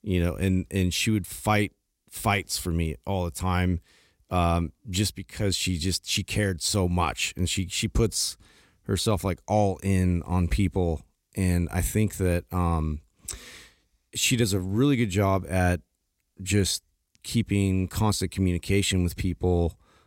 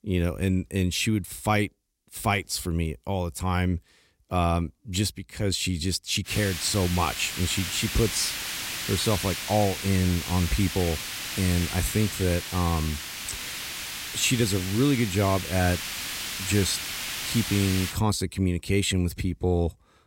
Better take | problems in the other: first | hiss; loud; from 6.5 to 18 s; 5 dB below the speech

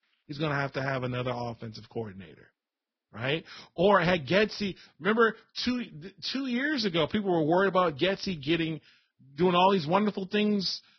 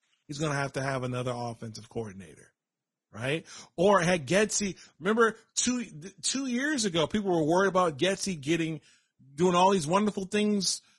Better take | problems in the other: second | garbled, watery; badly; nothing above 5.5 kHz; slightly in the second

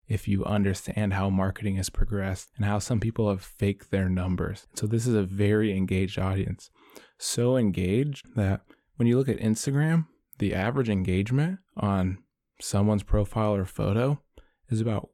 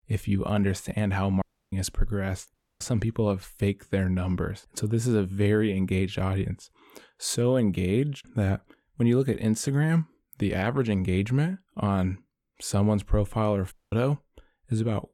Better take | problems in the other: first | audio cutting out; at 1.5 s, at 2.5 s and at 14 s

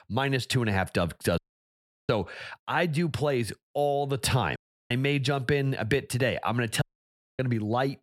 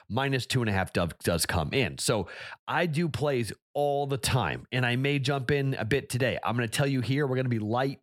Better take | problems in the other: second | audio cutting out; at 1.5 s for 0.5 s, at 4.5 s and at 7 s for 0.5 s

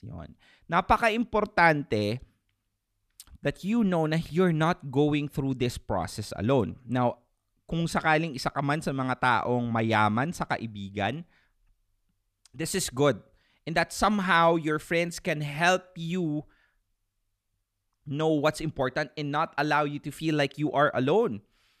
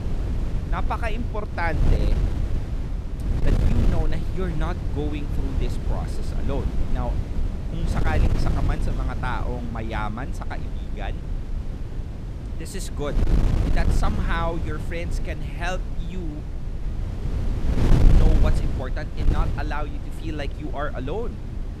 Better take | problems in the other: first | wind noise on the microphone; heavy; 5 dB below the speech

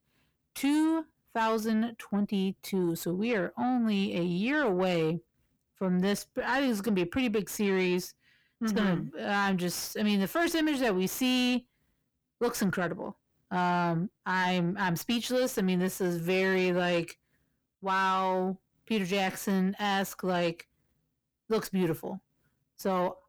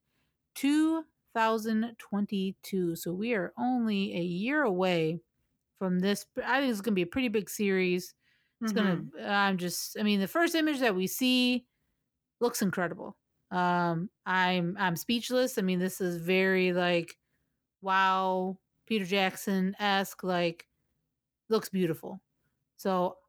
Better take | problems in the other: second | distortion; slight; 10 dB below the speech

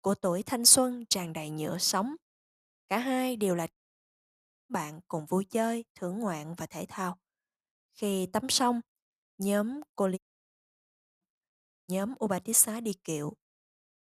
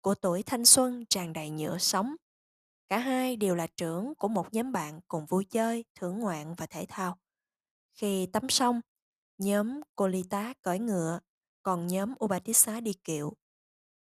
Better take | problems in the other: second | audio cutting out; at 3.5 s for 1 s, at 10 s for 1 s and at 12 s

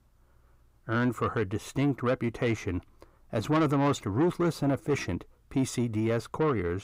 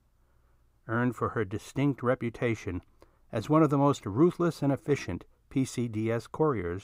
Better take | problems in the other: second | distortion; slight; 10 dB below the speech

